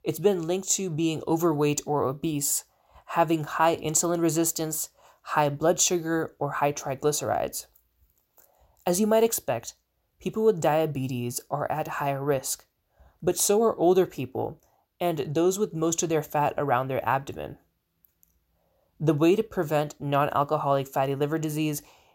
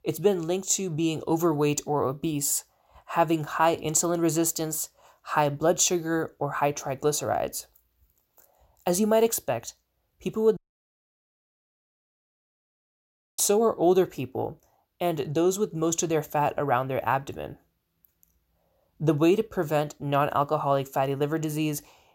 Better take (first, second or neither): first